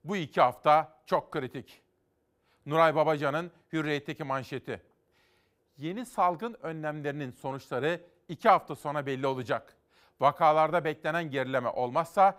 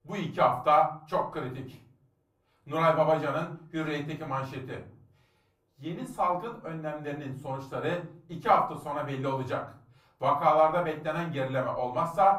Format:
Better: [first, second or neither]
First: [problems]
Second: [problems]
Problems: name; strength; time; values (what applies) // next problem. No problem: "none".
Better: first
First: none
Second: off-mic speech; far // room echo; slight; dies away in 0.4 s